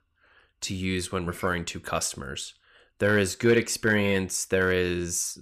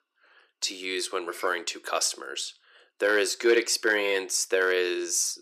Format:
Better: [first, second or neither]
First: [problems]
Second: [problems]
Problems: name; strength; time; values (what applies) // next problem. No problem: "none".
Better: first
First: none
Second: thin; very; fading below 350 Hz